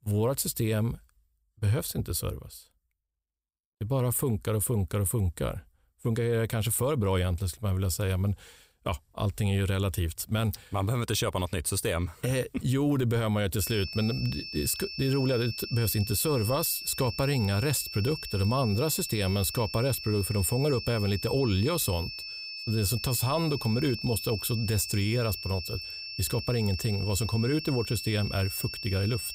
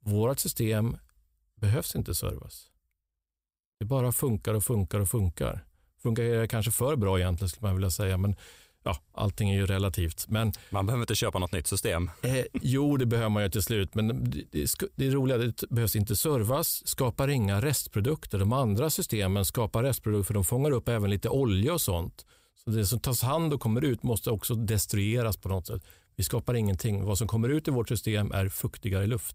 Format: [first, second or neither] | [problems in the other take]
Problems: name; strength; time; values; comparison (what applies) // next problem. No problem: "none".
second | high-pitched whine; loud; from 14 s on; 5.5 kHz, 8 dB below the speech